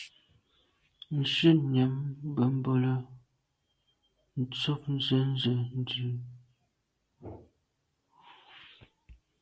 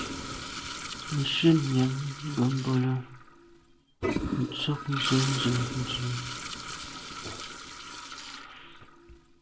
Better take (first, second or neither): first